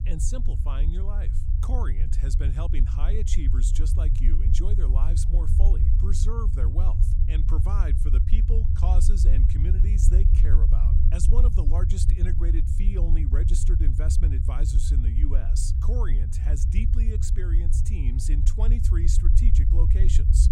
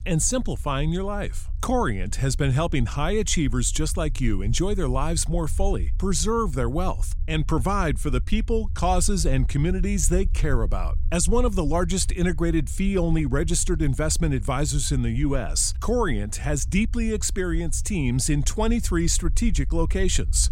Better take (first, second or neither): second